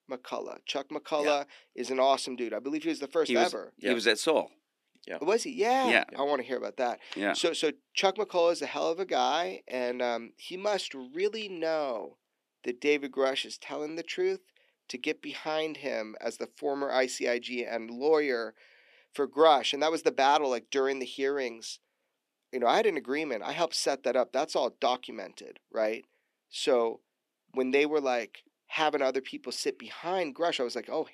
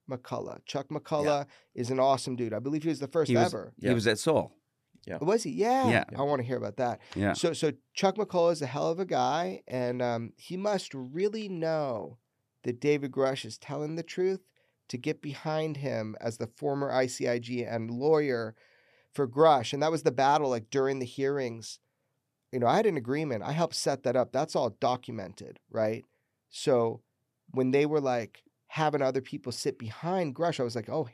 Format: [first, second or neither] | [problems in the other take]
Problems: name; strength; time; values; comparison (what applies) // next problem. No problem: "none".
second | thin; very slightly; fading below 250 Hz